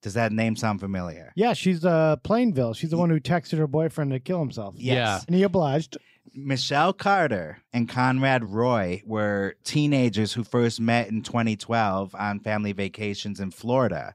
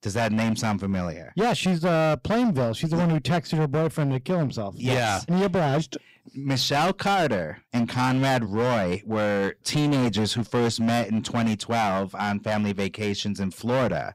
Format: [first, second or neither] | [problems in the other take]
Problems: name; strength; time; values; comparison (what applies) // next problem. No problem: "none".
first | distortion; heavy; 18% of the sound clipped